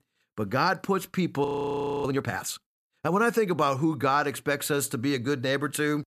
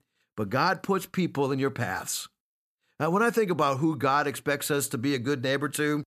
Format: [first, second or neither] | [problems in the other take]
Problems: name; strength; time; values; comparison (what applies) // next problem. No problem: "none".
second | audio freezing; at 1.5 s for 0.5 s